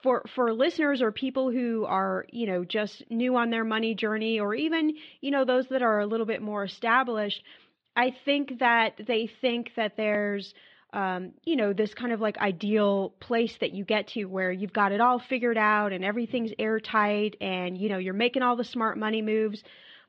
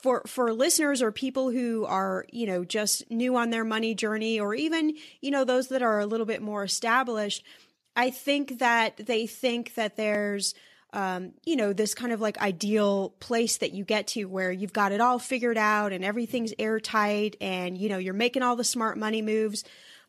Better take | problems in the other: second | muffled; very; fading above 3.5 kHz

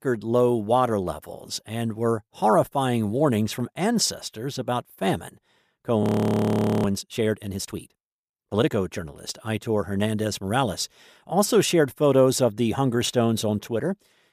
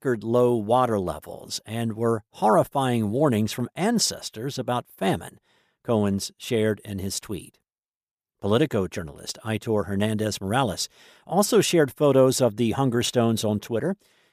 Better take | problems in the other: second | audio freezing; at 6 s for 1 s

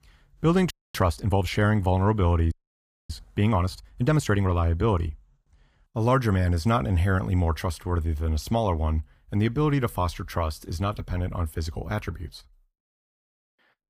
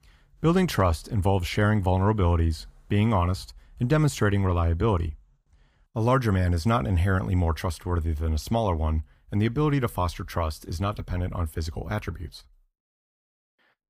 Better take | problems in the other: second | audio freezing; at 0.5 s and at 2.5 s for 0.5 s

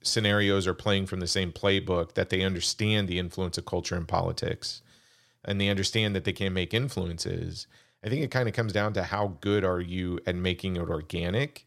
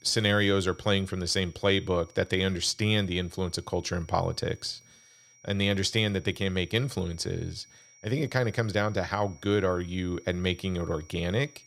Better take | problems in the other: first | high-pitched whine; faint; throughout; 5.5 kHz, 25 dB below the speech

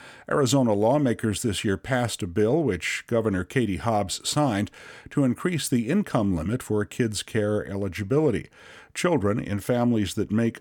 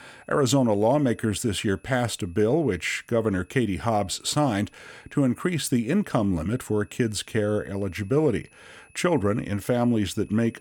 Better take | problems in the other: first | high-pitched whine; faint; throughout; 2.5 kHz, 35 dB below the speech

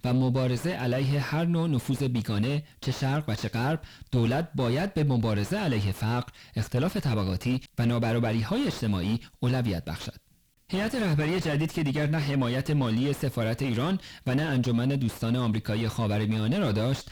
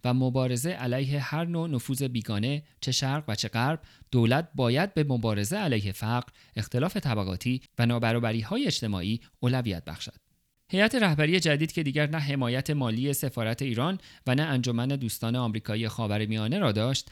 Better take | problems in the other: second | distortion; heavy; 5 dB below the speech

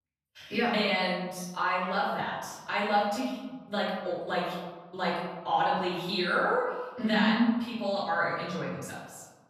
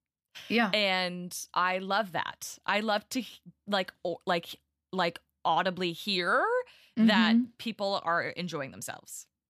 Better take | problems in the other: second | off-mic speech; far // room echo; noticeable; dies away in 1.1 s

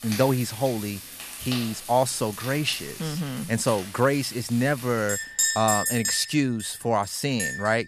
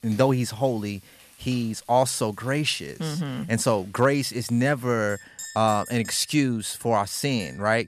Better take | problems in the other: second | household noises; loud; throughout; 5 dB below the speech; faint in the second

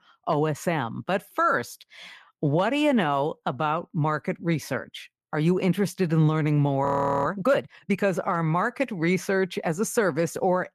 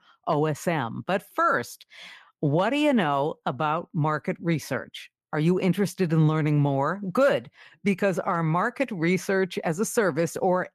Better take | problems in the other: second | audio freezing; at 7 s

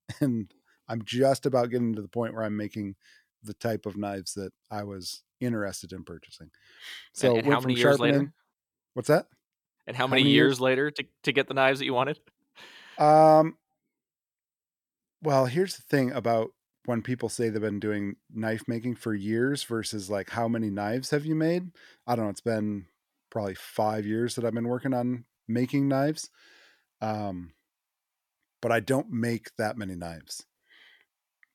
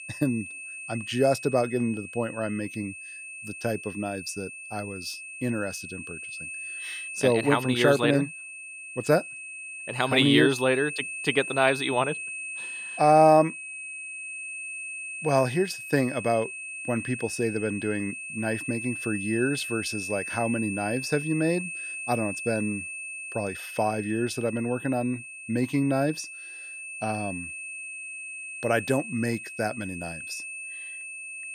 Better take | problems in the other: first | high-pitched whine; loud; throughout; 2.5 kHz, 9 dB below the speech

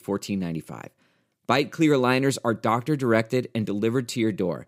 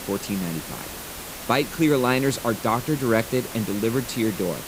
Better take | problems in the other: first | hiss; noticeable; throughout; 10 dB below the speech

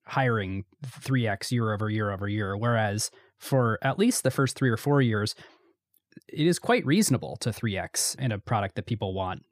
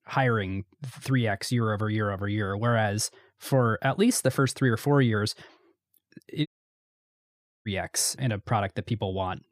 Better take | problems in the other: first | audio cutting out; at 6.5 s for 1 s

